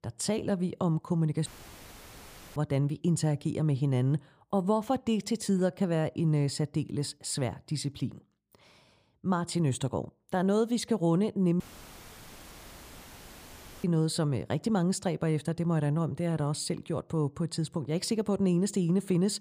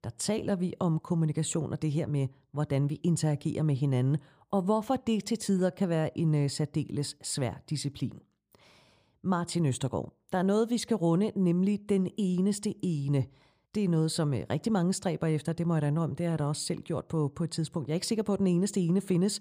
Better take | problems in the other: second | audio cutting out; filled with static; at 1.5 s for 1 s and at 12 s for 2 s

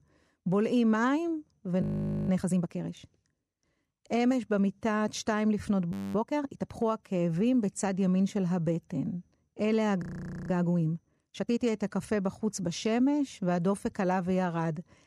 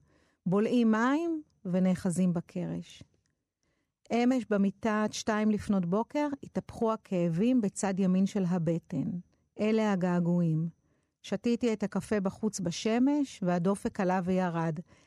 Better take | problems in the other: second | audio freezing; at 2 s, at 6 s and at 10 s

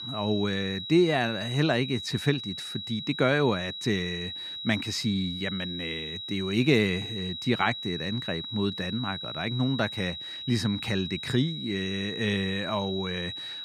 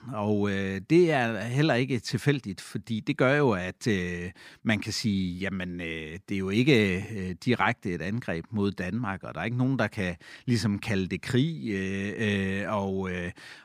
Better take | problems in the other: second | high-pitched whine; loud; throughout; 4 kHz, 6 dB below the speech

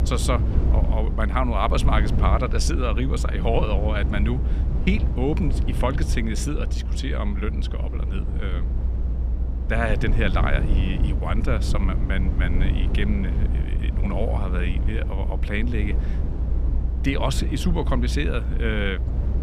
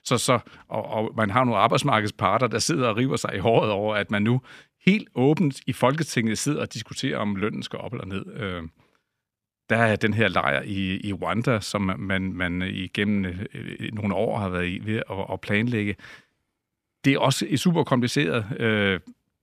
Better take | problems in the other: second | low rumble; loud; throughout; 10 dB below the speech

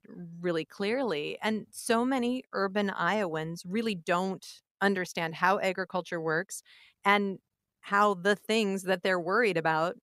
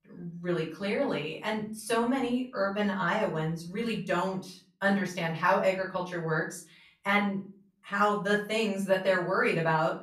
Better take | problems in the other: first | off-mic speech; far // room echo; slight; dies away in 0.3 s

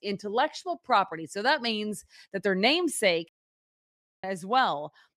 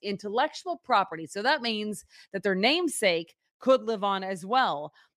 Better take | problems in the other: second | audio cutting out; at 3.5 s for 1 s

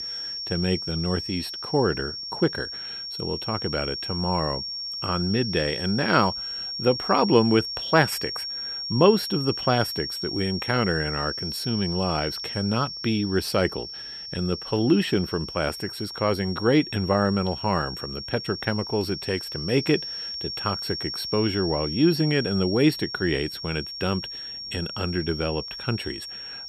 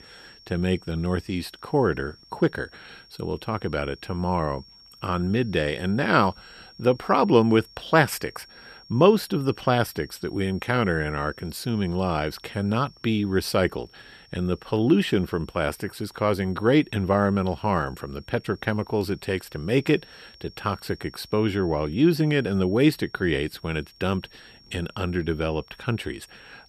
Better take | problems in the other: second | high-pitched whine; loud; throughout; 5.5 kHz, 6 dB below the speech; faint in the second

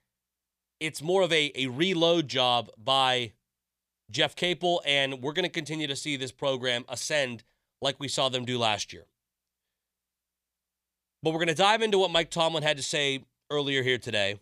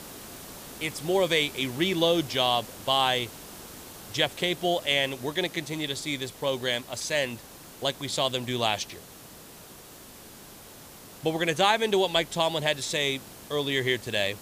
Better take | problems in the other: first | hiss; noticeable; throughout; 15 dB below the speech

